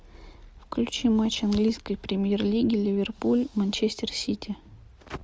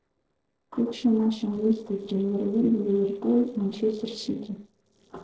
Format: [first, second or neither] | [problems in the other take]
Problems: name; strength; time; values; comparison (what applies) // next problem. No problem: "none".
first | noise reduction (neural separator model SepFormer DNS4)